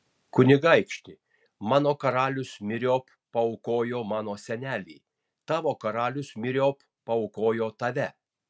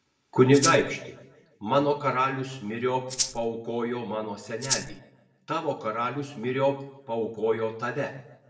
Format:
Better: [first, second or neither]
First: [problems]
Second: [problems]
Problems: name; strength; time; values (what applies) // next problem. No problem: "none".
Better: first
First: none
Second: background sound (Rattle (instrument)); 3 dB below the speech // room echo; dies away in 0.7 s